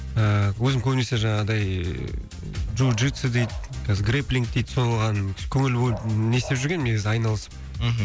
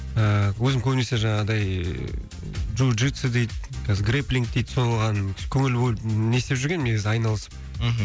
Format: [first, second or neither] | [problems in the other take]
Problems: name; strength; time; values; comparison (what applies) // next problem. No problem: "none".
second | background sound (Dog); 19 dB below the speech